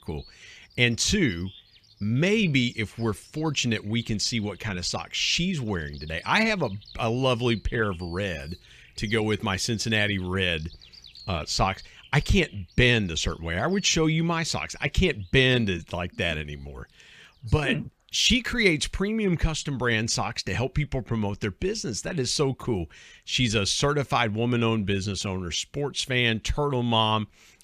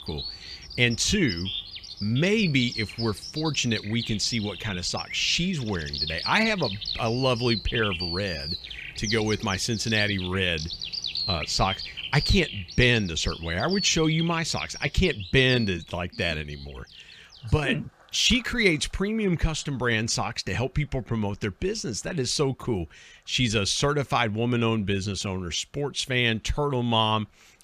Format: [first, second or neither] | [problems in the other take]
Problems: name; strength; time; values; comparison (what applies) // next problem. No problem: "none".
first | animal sounds; loud; throughout; 7 dB below the speech; faint in the first